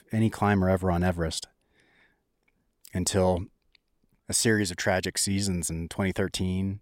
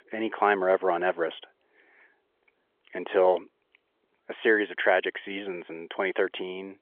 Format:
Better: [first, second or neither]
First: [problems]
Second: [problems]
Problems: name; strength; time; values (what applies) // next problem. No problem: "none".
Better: first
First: none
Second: phone-call audio; nothing above 3.5 kHz